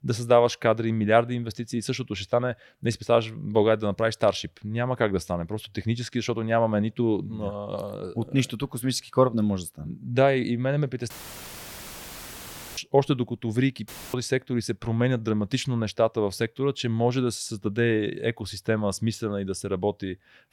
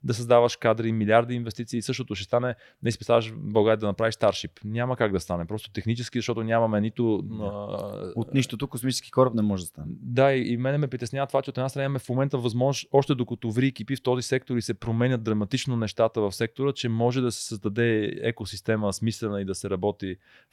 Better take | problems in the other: second | audio cutting out; filled with static; at 11 s for 1.5 s and at 14 s

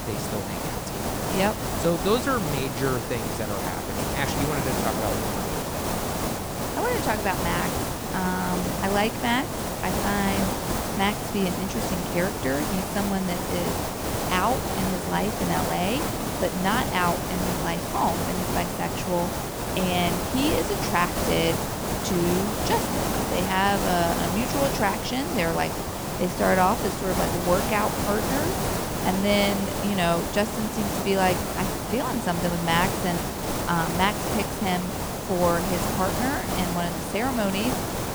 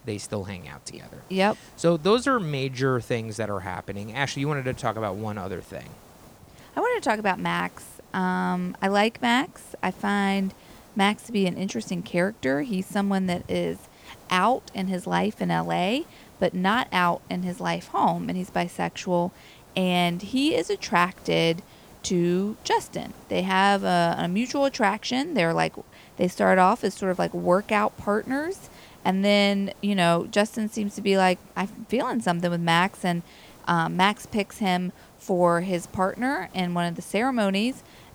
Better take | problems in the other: second | hiss; loud; throughout; 1 dB below the speech; faint in the second

